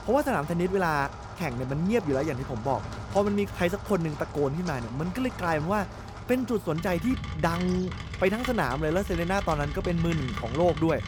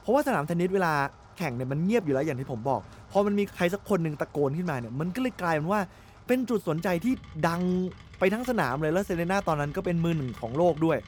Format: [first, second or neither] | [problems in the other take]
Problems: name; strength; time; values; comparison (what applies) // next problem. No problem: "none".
second | rain or running water; loud; throughout; 9 dB below the speech; faint in the second